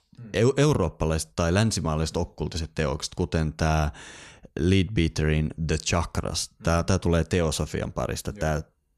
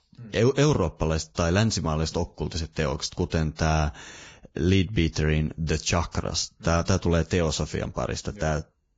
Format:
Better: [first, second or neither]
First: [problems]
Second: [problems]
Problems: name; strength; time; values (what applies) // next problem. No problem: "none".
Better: first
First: none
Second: garbled, watery; badly; nothing above 7.5 kHz